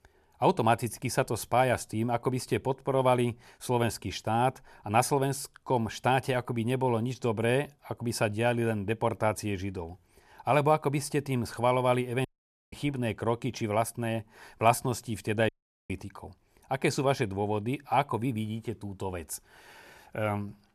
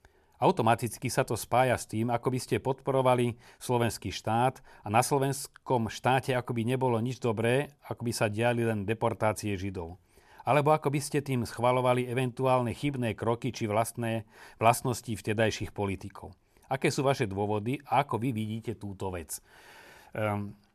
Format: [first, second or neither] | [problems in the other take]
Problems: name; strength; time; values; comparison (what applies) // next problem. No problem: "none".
second | audio cutting out; at 12 s and at 15 s